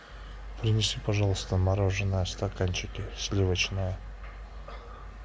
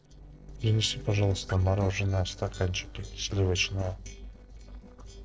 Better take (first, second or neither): first